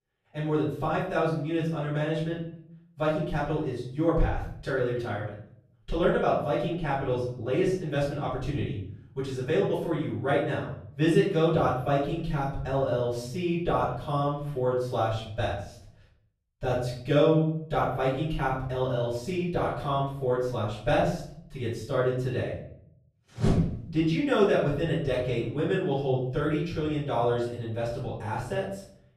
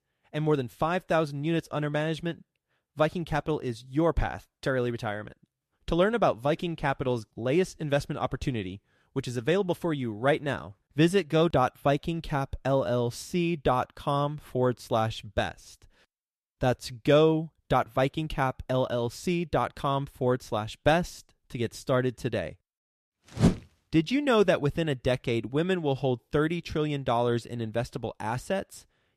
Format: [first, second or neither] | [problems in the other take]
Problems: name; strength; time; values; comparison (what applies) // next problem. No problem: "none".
second | off-mic speech; far // room echo; noticeable; dies away in 0.6 s